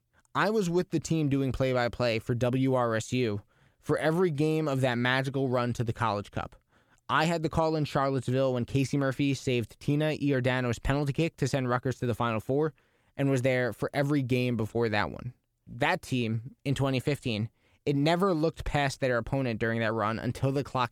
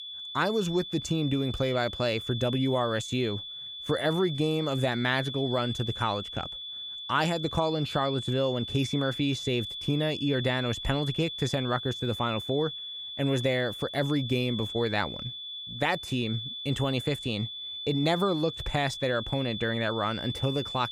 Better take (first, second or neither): first